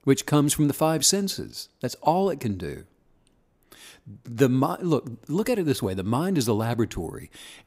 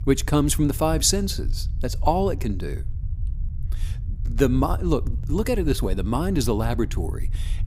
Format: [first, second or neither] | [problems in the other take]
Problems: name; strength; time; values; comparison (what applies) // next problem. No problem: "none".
first | low rumble; faint; throughout; 20 dB below the speech